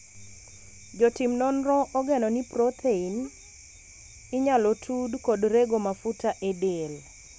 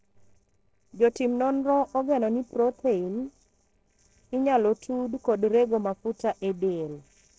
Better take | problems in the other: first | noise reduction (neural separator model SepFormer DNS4)

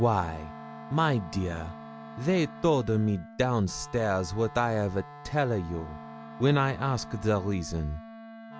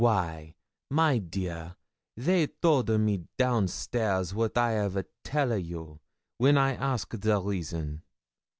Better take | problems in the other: second | background sound (Wind instrument, woodwind instrument + Wind instrument, woodwind instrument); 15 dB below the speech

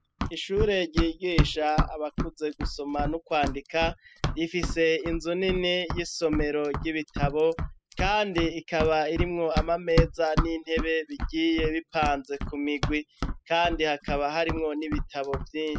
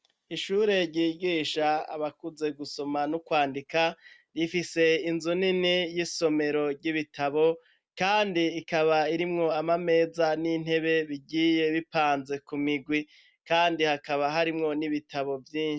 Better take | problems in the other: second | noise reduction (classical method spectral subtraction)

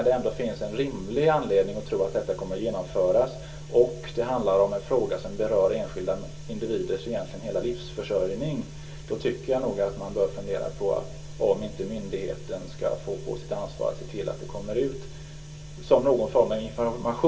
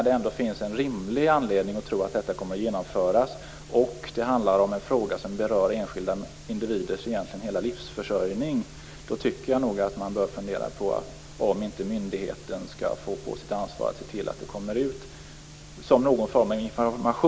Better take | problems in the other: second | room echo; dies away in 0.2 s

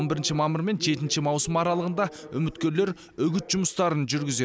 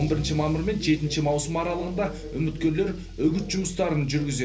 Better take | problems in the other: first | background sound (Engine starting / Accelerating, revving, vroom / Car); 13 dB below the speech // room echo; dies away in 0.3 s

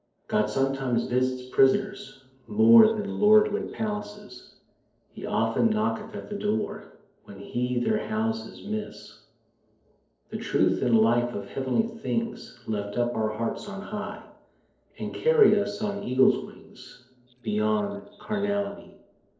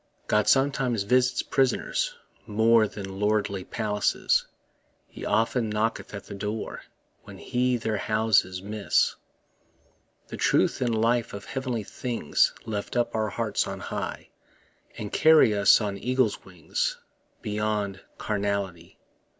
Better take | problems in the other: second | noise reduction (neural separator model SepFormer DNS4)

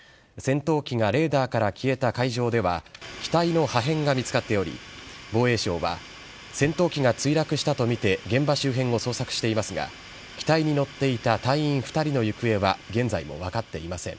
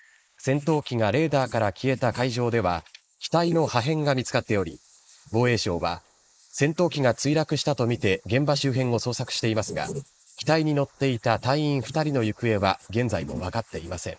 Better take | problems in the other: first | noise reduction (neural mask model Resemble Enhance denoiser)

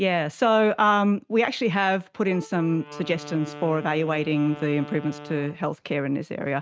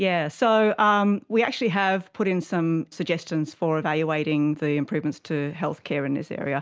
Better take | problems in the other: second | noise reduction (neural mask model RNNoise)

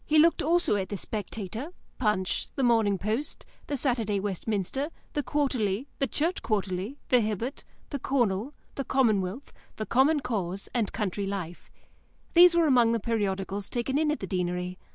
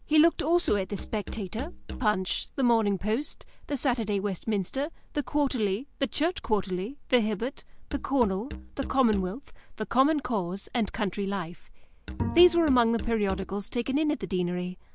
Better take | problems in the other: first | background sound (Bowed string instrument + Musical instrument); 12 dB below the speech

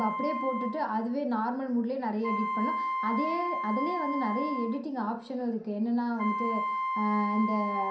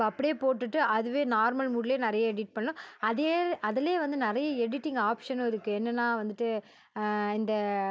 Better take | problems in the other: second | background sound (Wind instrument, woodwind instrument); 3 dB below the speech // room echo; dies away in 0.5 s

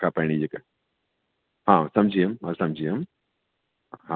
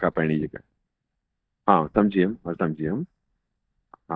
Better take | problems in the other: first | noise reduction (neural mask model DeepFilterNet 3)

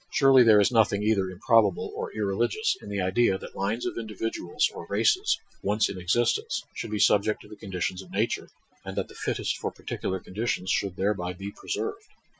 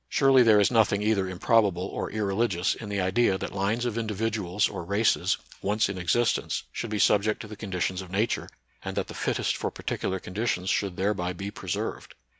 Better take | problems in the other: second | noise reduction (classical method Wiener filter)

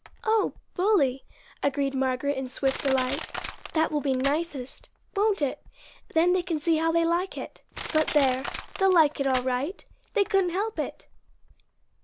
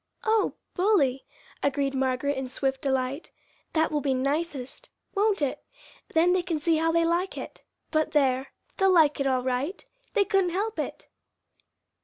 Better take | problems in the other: second | background sound (Crushing); 14 dB below the speech

